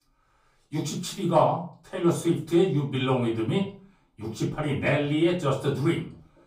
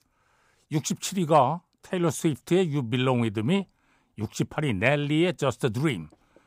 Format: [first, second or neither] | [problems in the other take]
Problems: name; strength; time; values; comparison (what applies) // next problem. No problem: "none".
second | off-mic speech; far // room echo; slight; dies away in 0.3 s